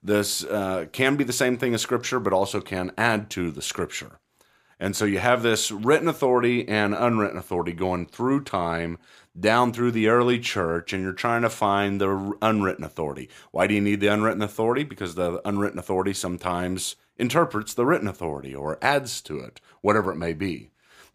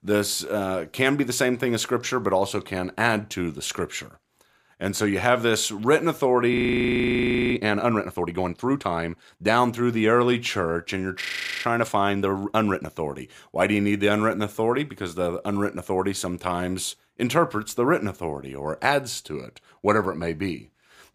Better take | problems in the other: first | audio freezing; at 6.5 s for 1 s and at 11 s

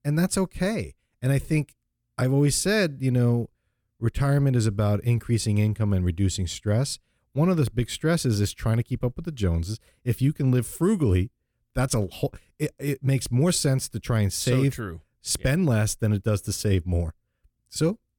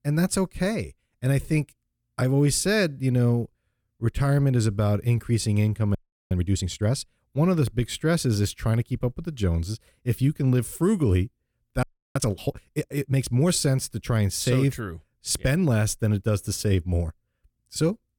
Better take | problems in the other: first | audio freezing; at 6 s and at 12 s

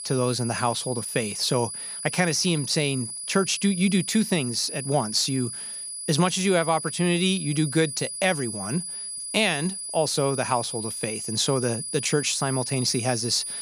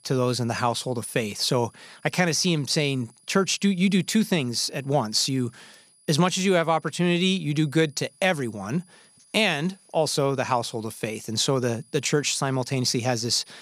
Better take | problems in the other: second | high-pitched whine; loud; throughout; 10 kHz, 6 dB below the speech; faint in the second

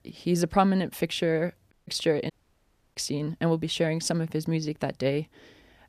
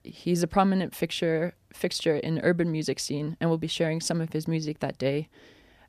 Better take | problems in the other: second | audio cutting out; at 1.5 s and at 2.5 s for 0.5 s

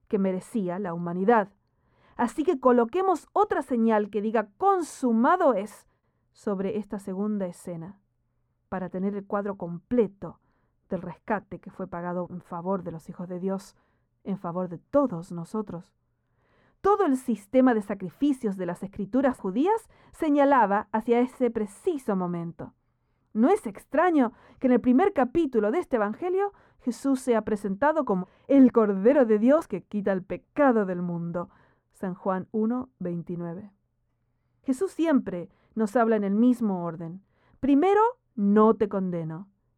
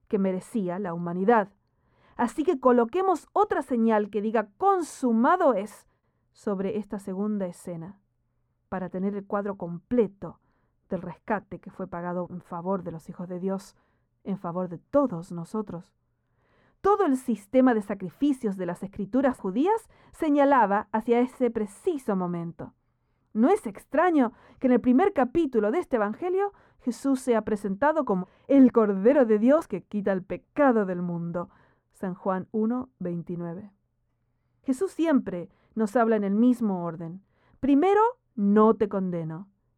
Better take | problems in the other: neither | muffled; very; fading above 2 kHz; the same in both

